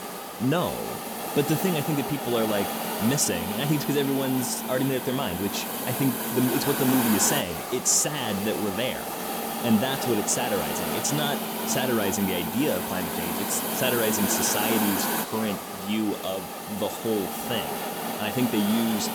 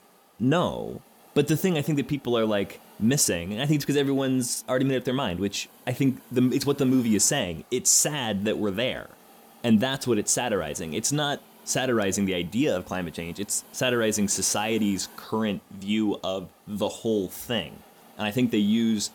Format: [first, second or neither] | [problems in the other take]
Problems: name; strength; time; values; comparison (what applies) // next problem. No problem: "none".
second | hiss; loud; throughout; 2 dB below the speech; faint in the second